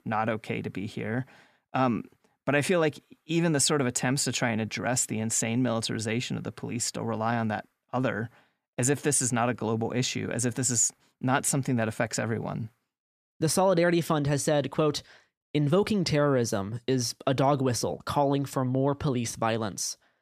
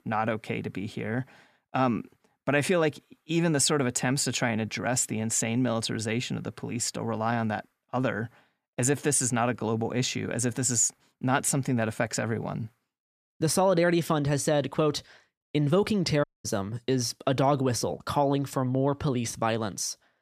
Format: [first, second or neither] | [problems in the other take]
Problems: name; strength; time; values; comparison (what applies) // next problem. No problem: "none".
first | audio cutting out; at 16 s